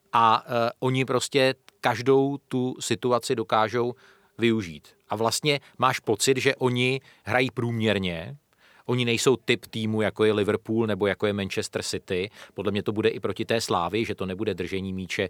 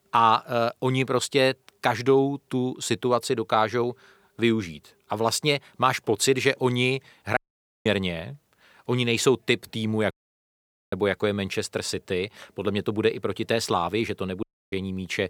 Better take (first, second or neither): first